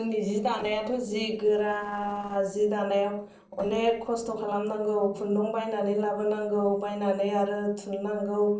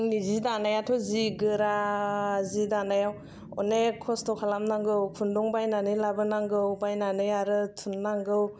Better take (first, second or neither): second